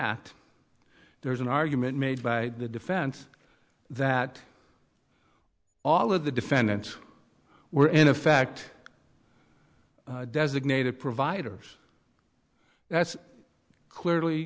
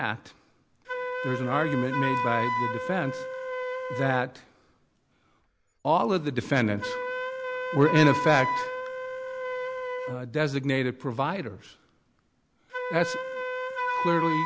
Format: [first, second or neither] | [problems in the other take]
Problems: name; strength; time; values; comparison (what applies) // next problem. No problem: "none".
first | background sound (Wind instrument, woodwind instrument); 4 dB below the speech